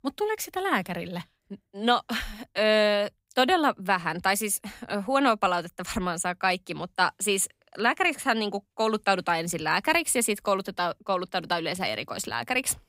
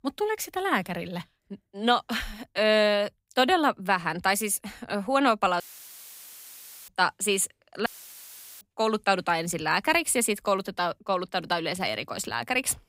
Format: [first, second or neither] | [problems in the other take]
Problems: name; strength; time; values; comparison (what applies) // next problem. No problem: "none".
first | audio cutting out; filled with static; at 5.5 s for 1.5 s and at 8 s for 0.5 s